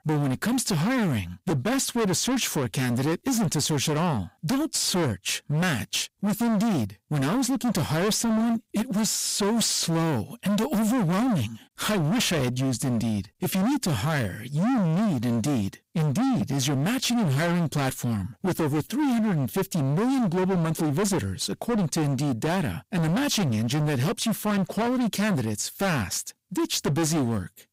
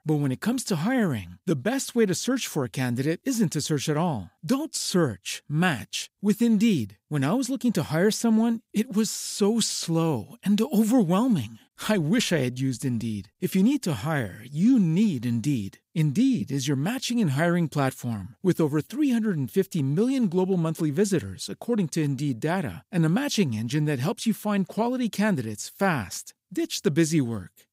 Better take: second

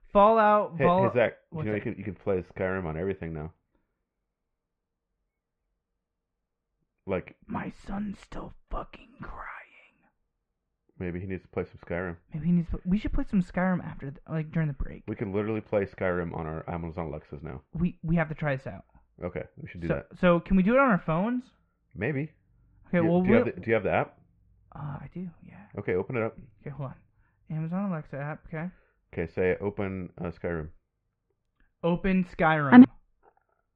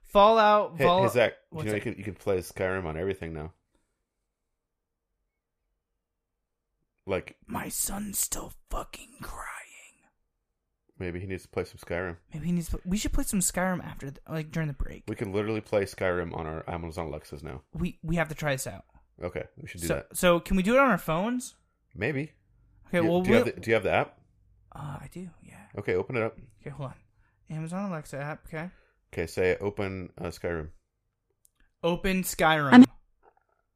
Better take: second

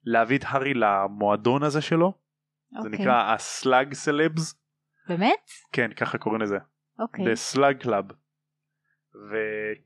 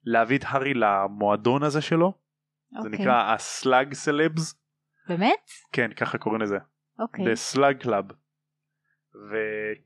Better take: neither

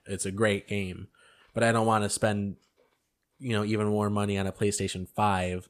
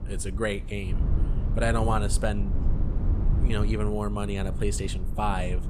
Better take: first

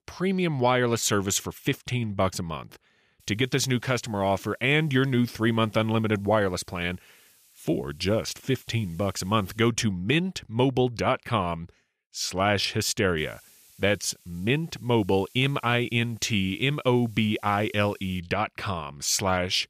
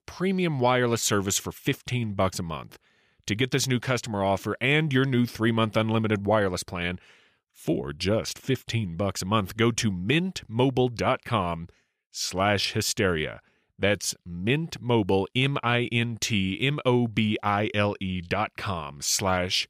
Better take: second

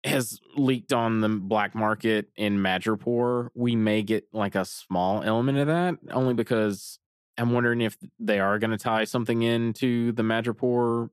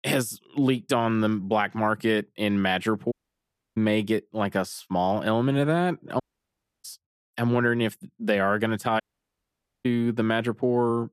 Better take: first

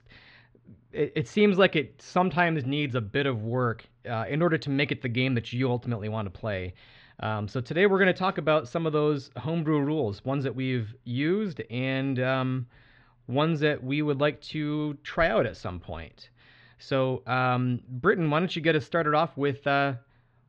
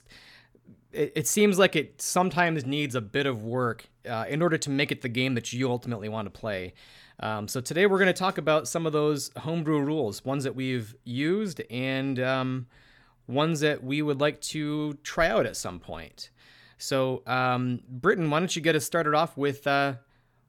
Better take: second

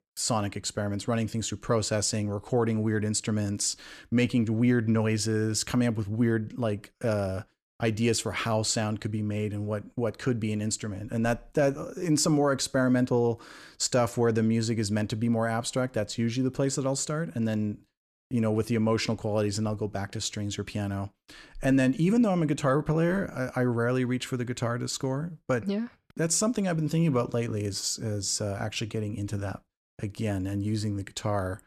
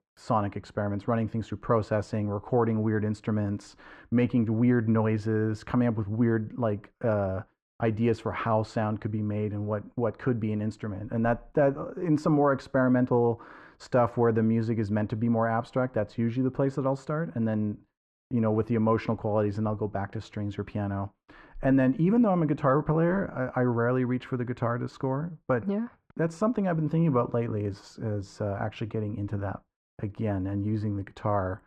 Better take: first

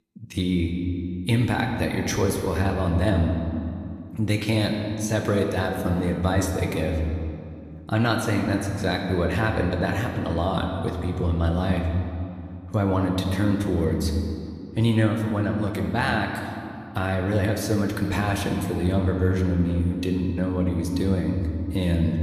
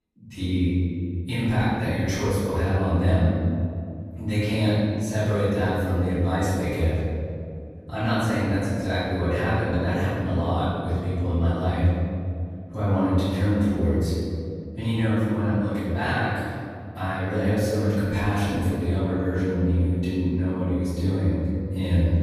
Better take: first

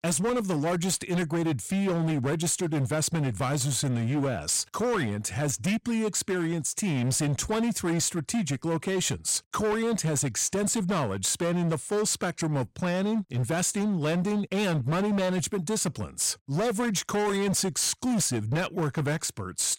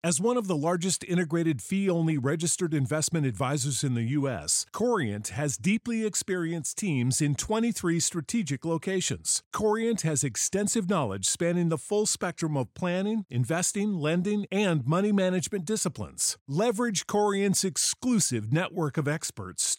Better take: second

